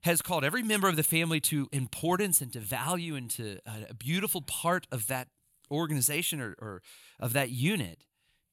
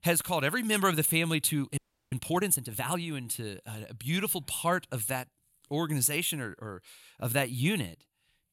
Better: first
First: none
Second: audio freezing; at 2 s

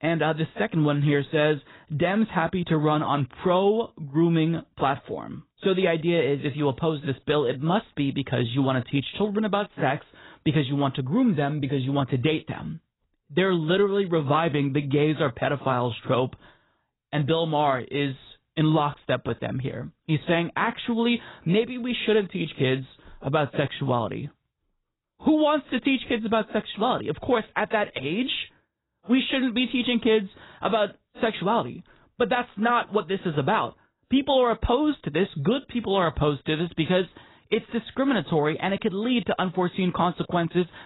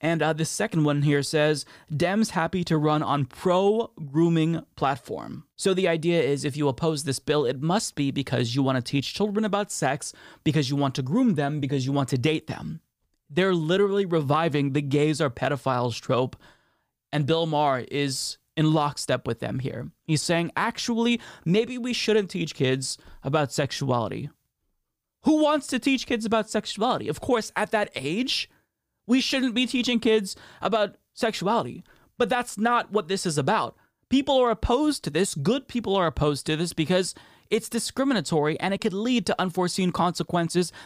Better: second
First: garbled, watery; badly; nothing above 4 kHz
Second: none

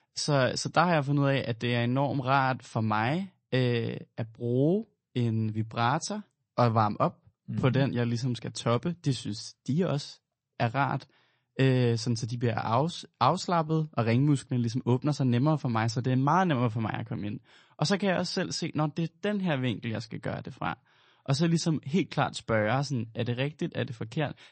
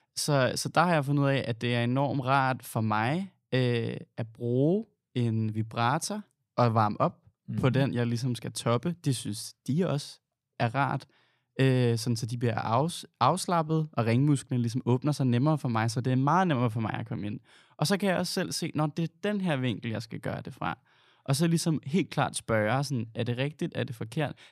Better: second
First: garbled, watery; slightly; nothing above 8 kHz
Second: none

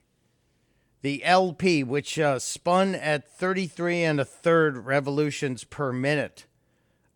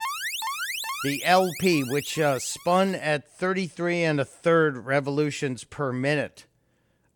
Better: first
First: none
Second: alarm; noticeable; until 2.5 s; peak 4 dB below the speech

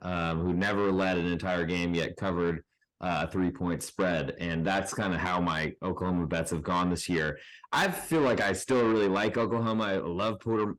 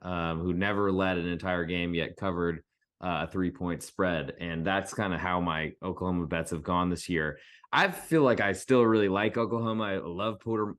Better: second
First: distortion; heavy; 8 dB below the speech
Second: none

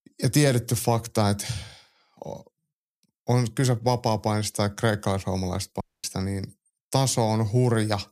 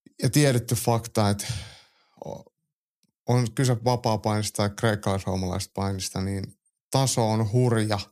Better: second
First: audio cutting out; at 6 s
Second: none

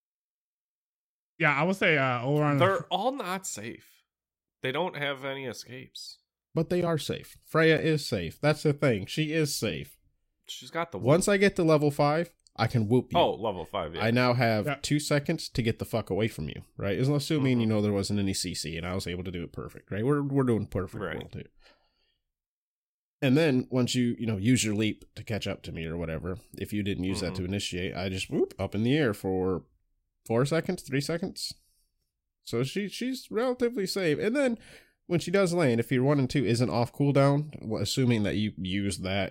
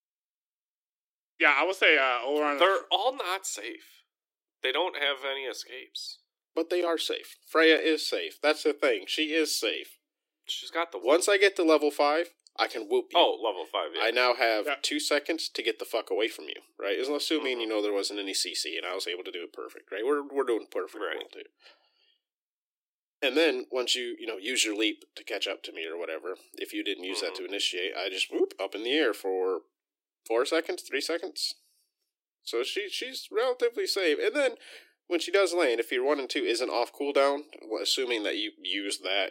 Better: first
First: none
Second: thin; very; fading below 300 Hz

